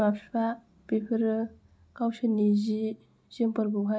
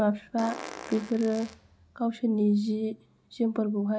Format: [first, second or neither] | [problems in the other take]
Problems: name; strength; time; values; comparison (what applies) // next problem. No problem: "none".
first | background sound (Fart); 15 dB below the speech